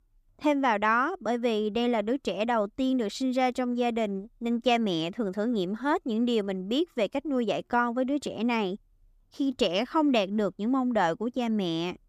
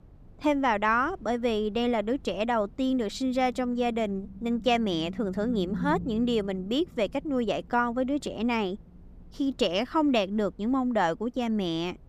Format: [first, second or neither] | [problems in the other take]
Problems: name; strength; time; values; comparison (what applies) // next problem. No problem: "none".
first | low rumble; faint; throughout; 25 dB below the speech